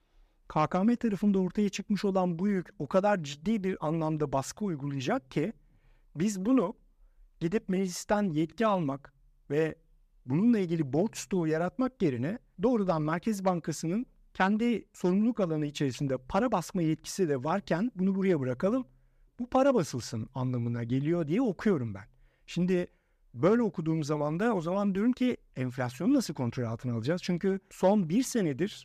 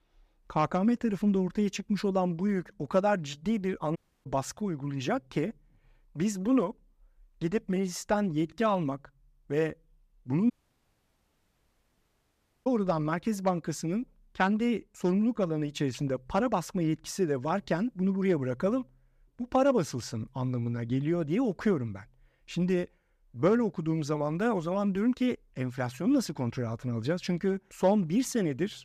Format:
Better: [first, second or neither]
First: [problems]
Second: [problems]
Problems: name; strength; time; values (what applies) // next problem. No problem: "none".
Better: first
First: none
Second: audio cutting out; at 4 s and at 11 s for 2 s